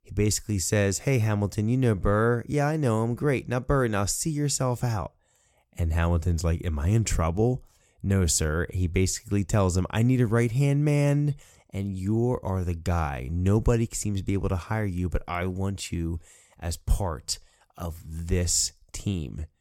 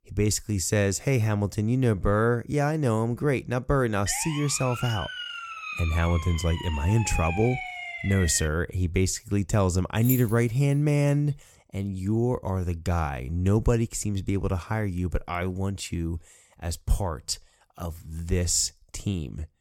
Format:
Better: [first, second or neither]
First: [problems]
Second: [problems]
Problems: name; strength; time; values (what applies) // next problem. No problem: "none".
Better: first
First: none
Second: siren; noticeable; from 4 to 8.5 s; peak 6 dB below the speech // jangling keys; noticeable; at 10 s; peak 5 dB below the speech